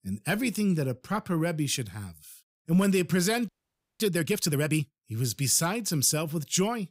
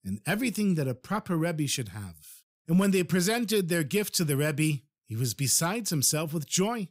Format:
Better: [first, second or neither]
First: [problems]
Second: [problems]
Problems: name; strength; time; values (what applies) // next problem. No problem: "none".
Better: second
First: audio freezing; at 3.5 s for 0.5 s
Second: none